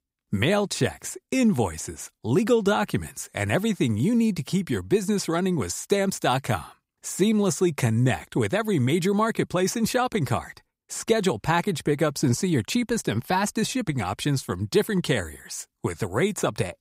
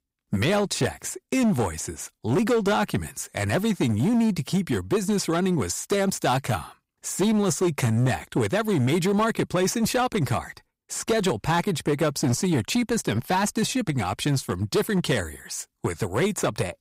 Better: first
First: none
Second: distortion; slight; 10% of the sound clipped

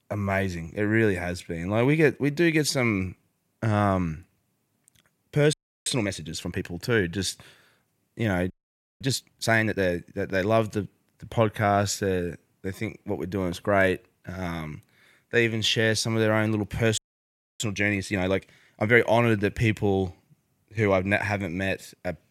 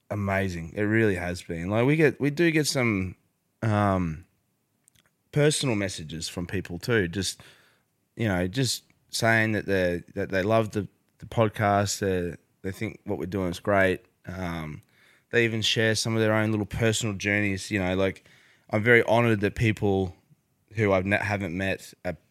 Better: second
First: audio freezing; at 5.5 s, at 8.5 s for 0.5 s and at 17 s for 0.5 s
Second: none

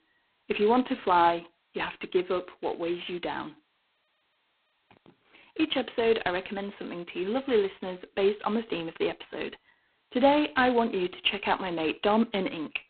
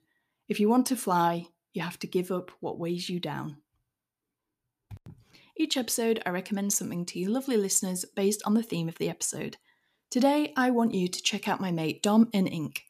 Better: second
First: phone-call audio; poor line; nothing above 4 kHz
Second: none

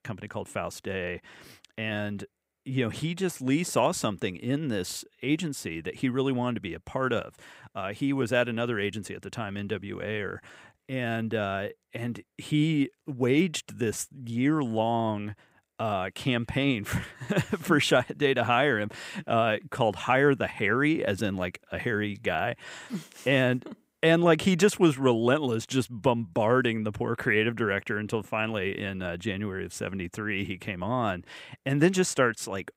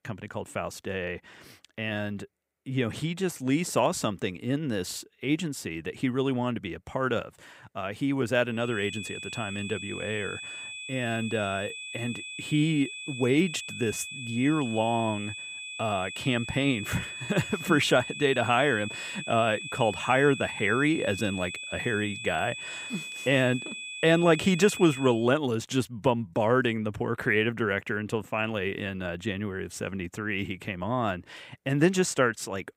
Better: first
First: none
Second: high-pitched whine; loud; from 8.5 to 25 s; 2.5 kHz, 8 dB below the speech

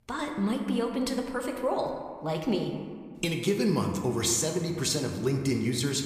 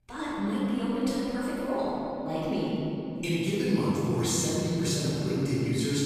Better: first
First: room echo; slight; dies away in 1.4 s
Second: room echo; strong; dies away in 3 s // off-mic speech; far

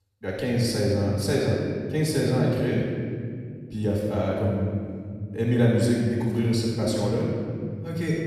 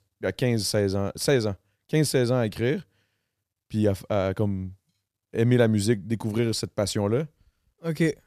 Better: second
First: room echo; strong; dies away in 2.5 s // off-mic speech; far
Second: none

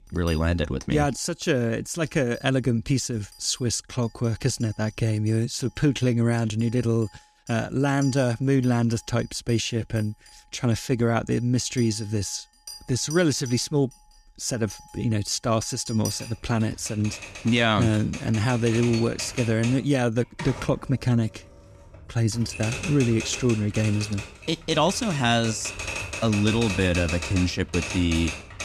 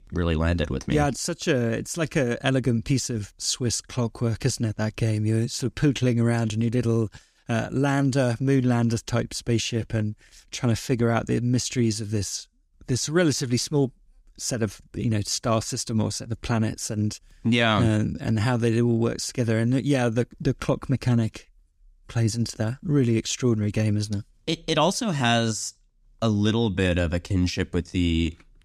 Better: second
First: household noises; noticeable; throughout; 10 dB below the speech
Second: none

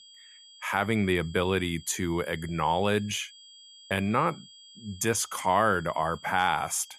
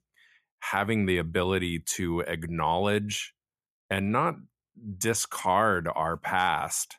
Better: second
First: high-pitched whine; faint; throughout; 3.5 kHz, 20 dB below the speech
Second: none

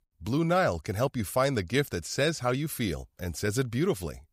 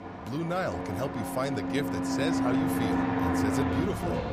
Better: first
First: none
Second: train or aircraft noise; very loud; throughout; 4 dB above the speech

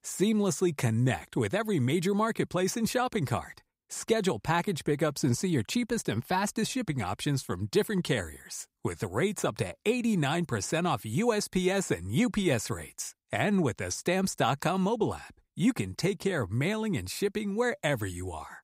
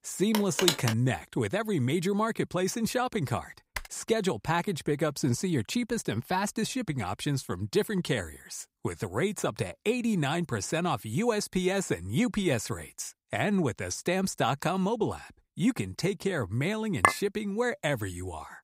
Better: first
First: none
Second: phone ringing; loud; at 0.5 s; peak 3 dB above the speech // keyboard typing; faint; at 4 s; peak 10 dB below the speech // clattering dishes; loud; at 17 s; peak 4 dB above the speech

